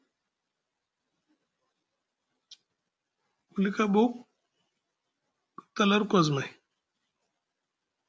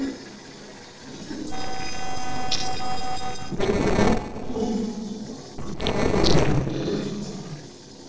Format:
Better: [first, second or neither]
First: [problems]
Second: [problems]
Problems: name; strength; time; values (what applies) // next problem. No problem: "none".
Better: first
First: none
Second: noise reduction (neural separator model SepFormer DNS4)